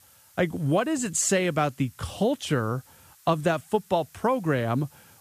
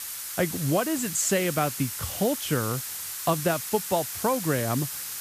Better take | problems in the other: first | hiss; loud; throughout; 4 dB below the speech; faint in the first

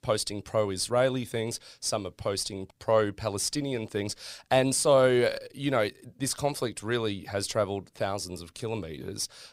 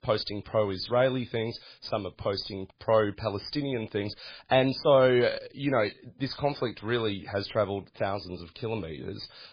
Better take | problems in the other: first | garbled, watery; badly; nothing above 5 kHz

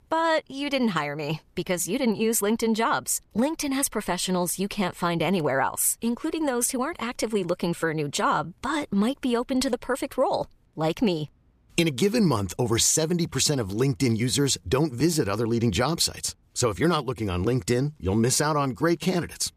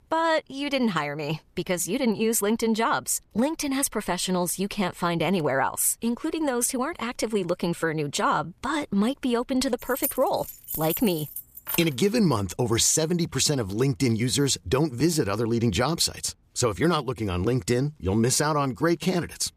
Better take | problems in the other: first | jangling keys; noticeable; from 10 to 12 s; peak 4 dB below the speech

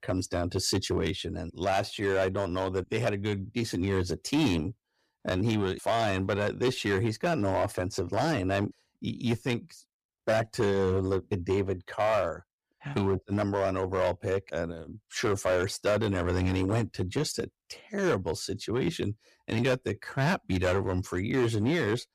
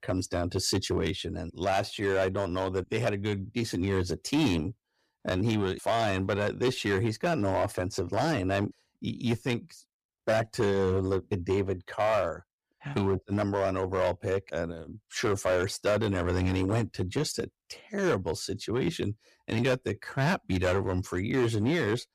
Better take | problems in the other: neither | distortion; slight; 6% of the sound clipped; the same in both

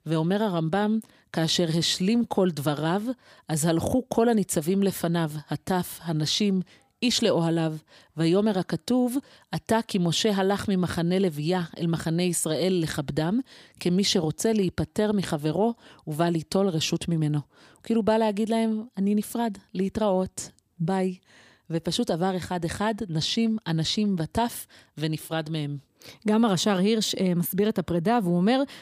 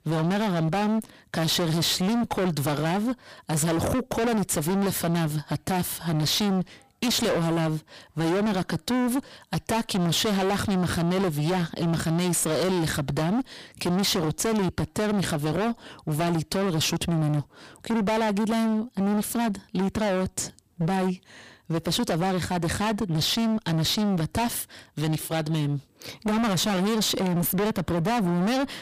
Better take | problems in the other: first | distortion; heavy; 38% of the sound clipped

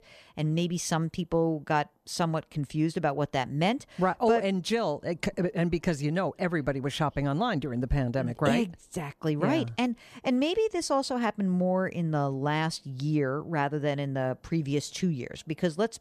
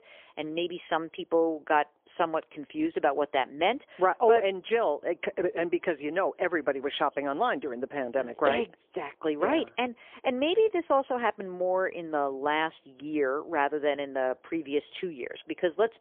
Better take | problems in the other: first | phone-call audio; poor line; nothing above 3.5 kHz

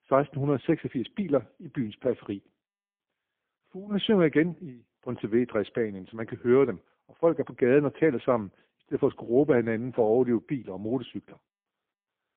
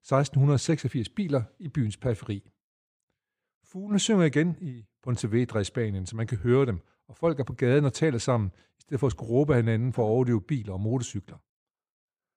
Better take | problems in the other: second | phone-call audio; poor line; nothing above 3.5 kHz

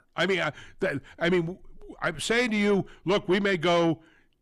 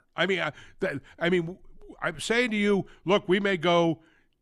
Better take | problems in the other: second | distortion; slight; 10 dB below the speech

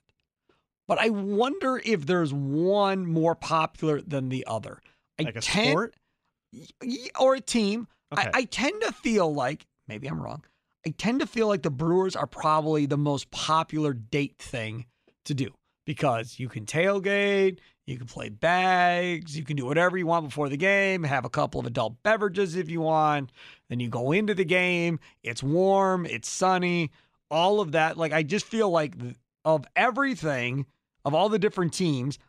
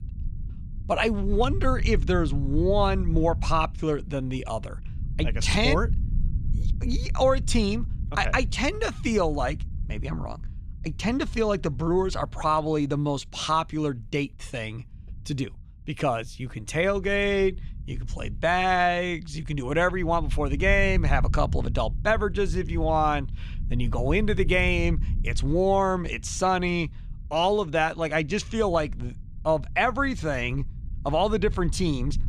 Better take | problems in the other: first | low rumble; faint; throughout; 25 dB below the speech

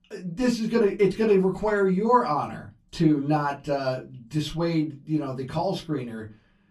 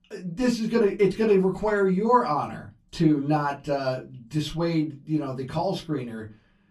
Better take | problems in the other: neither | off-mic speech; far; the same in both // room echo; very slight; dies away in 0.2 s; the same in both

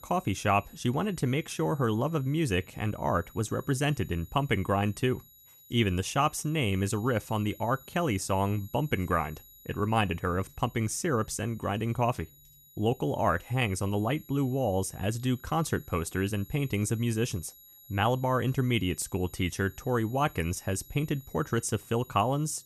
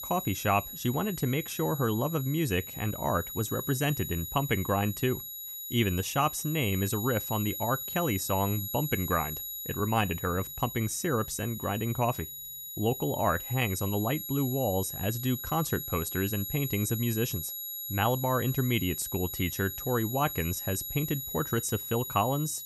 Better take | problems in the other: first | high-pitched whine; loud; throughout; 11.5 kHz, 6 dB below the speech; faint in the first

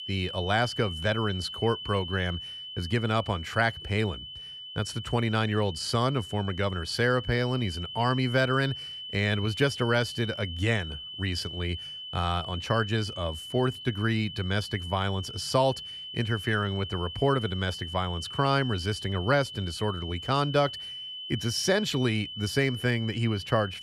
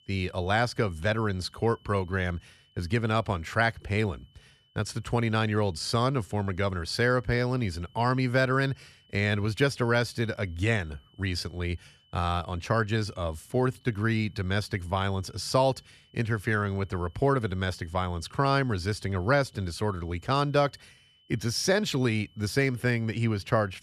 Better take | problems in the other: second | high-pitched whine; loud; throughout; 3 kHz, 9 dB below the speech; faint in the second

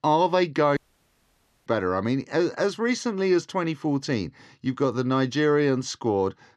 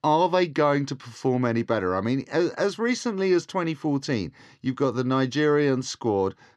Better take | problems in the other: second | audio cutting out; at 1 s for 1 s

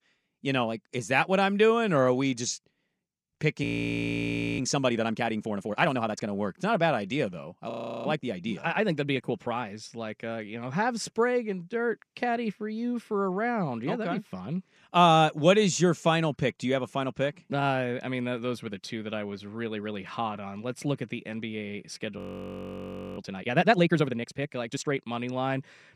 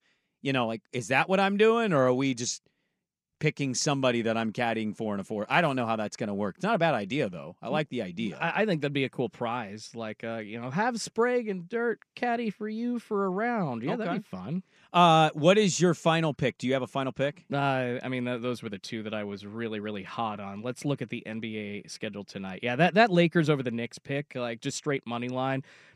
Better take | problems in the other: second | audio freezing; at 3.5 s for 1 s, at 7.5 s and at 22 s for 1 s

